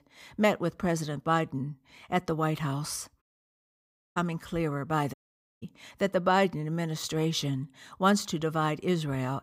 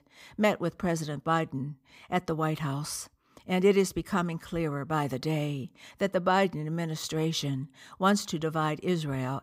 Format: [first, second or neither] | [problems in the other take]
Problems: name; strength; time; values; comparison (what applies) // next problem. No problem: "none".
second | audio cutting out; at 3 s for 1 s and at 5 s